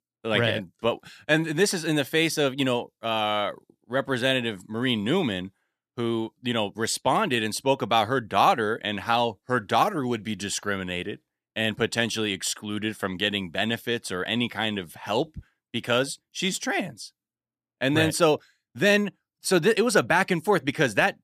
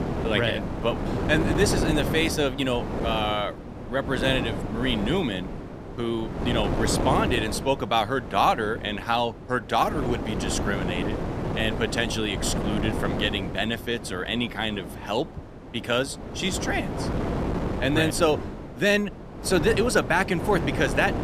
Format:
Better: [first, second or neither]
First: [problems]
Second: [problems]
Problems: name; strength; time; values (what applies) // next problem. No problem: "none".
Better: first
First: none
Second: wind noise on the microphone; heavy; 8 dB below the speech